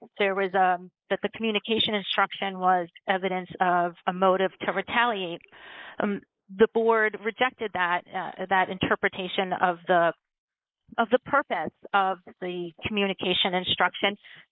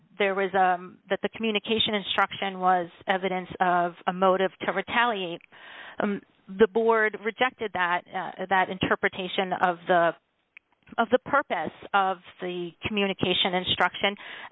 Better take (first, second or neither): second